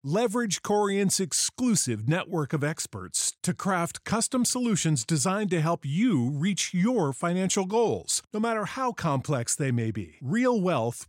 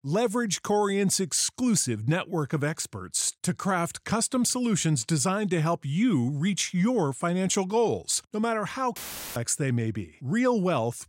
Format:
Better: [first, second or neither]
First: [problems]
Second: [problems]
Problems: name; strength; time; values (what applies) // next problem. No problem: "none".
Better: first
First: none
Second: audio cutting out; filled with static; at 9 s